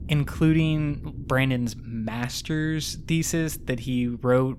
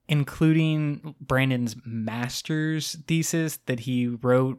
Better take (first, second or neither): second